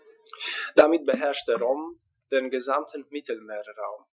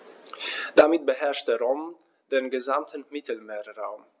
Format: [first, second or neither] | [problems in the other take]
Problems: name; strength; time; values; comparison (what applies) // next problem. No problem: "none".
second | noise reduction (classical method Wiener filter)